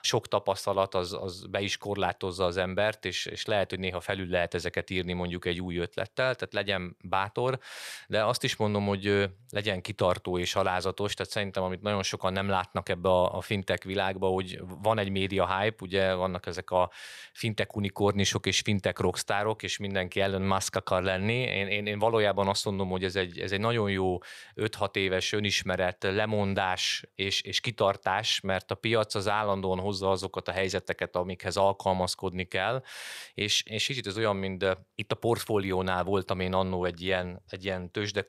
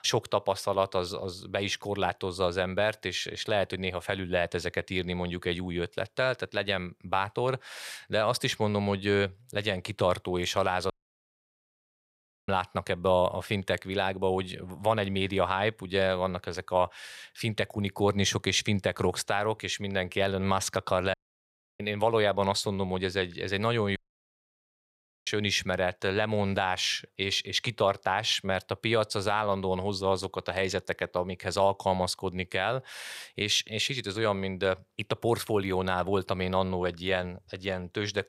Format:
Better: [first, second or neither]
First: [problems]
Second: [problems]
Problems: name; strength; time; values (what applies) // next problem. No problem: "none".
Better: first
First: none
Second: audio cutting out; at 11 s for 1.5 s, at 21 s for 0.5 s and at 24 s for 1.5 s